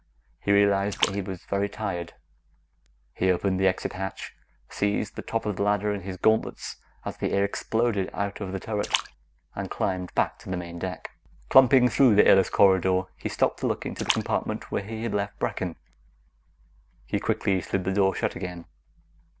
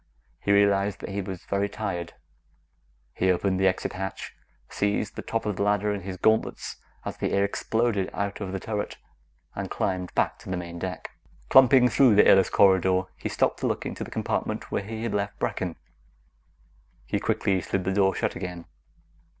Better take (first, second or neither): second